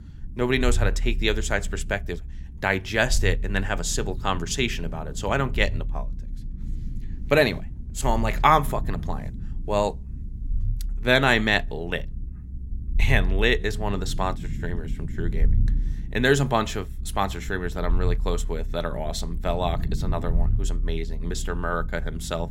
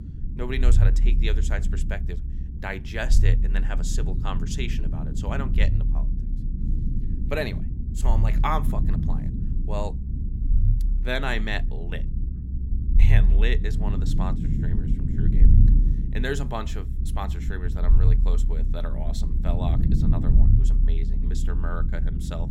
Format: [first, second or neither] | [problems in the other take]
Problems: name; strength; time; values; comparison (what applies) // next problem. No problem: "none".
first | low rumble; loud; throughout; 8 dB below the speech; faint in the first